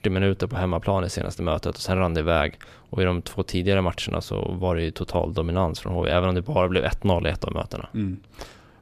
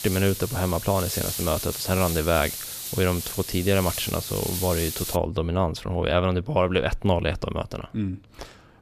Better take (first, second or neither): first